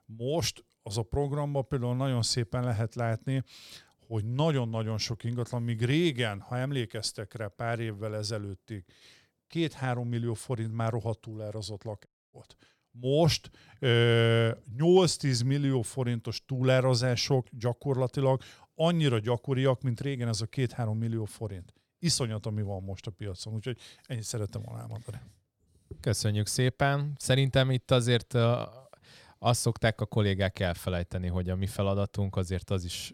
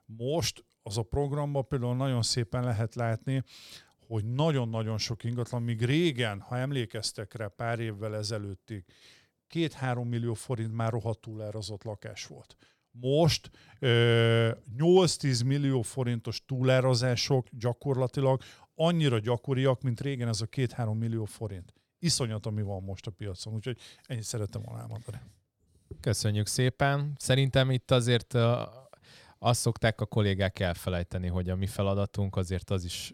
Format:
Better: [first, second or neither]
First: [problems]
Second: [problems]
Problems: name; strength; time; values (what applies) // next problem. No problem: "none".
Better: second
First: audio cutting out; at 12 s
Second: none